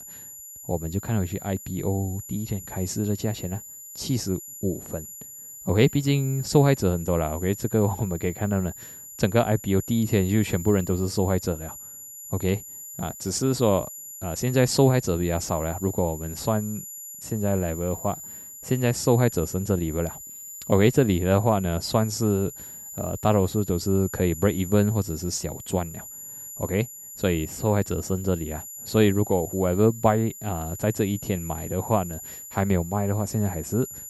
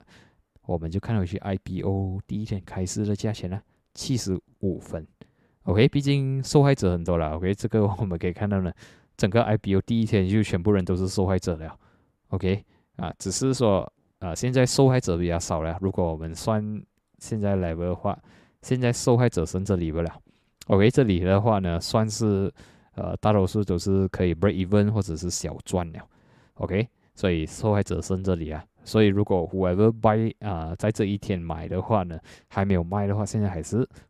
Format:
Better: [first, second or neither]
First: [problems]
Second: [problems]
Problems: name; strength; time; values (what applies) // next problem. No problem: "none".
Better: second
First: high-pitched whine; noticeable; throughout; 7 kHz, 10 dB below the speech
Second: none